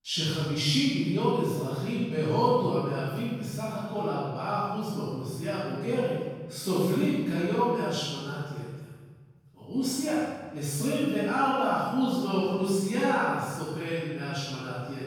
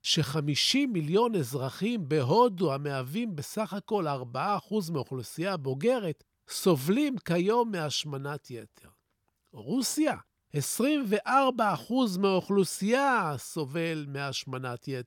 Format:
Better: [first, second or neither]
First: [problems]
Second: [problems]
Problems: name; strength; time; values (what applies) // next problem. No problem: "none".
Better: second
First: off-mic speech; far // room echo; strong; dies away in 1.4 s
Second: none